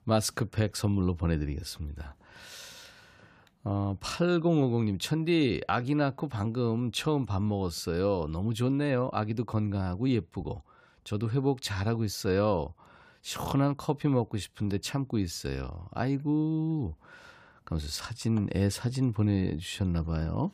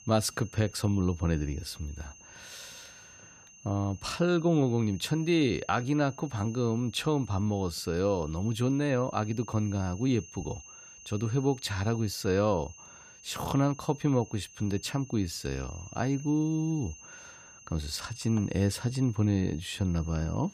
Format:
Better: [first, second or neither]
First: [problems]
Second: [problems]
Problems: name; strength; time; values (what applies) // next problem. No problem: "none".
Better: first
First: none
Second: high-pitched whine; noticeable; throughout; 6.5 kHz, 20 dB below the speech